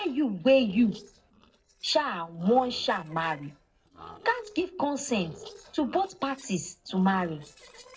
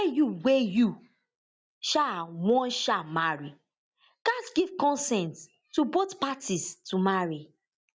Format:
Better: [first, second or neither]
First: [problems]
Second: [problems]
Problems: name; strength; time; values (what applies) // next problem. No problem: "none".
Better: second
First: noise reduction (neural separator model SepFormer DNS4)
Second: none